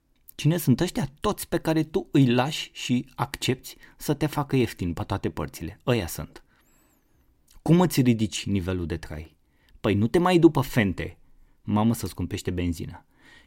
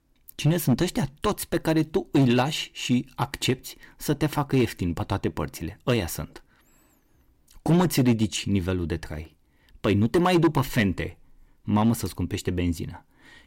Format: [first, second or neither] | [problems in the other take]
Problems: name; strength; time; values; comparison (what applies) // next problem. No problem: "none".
first | distortion; slight; 3% of the sound clipped